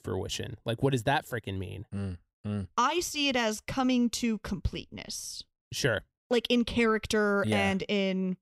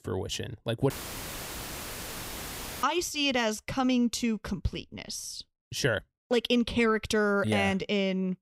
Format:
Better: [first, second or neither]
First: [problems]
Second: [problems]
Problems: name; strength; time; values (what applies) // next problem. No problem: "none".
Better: first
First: none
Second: audio cutting out; filled with static; at 1 s for 2 s